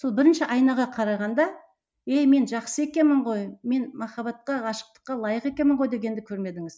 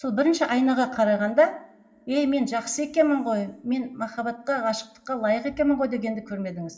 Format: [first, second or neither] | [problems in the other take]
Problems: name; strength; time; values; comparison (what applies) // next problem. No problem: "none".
first | room echo; dies away in 0.7 s